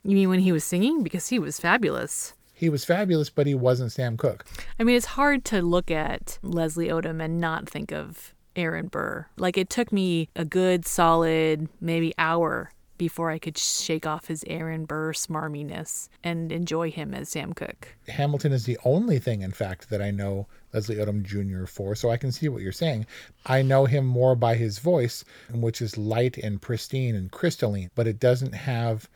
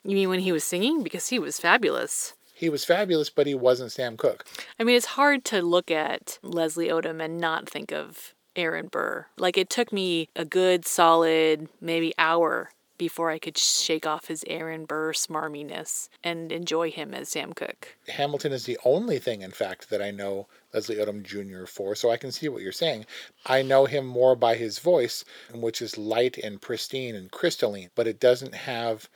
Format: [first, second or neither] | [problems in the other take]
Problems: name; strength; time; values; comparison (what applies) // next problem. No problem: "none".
first | thin; somewhat; fading below 350 Hz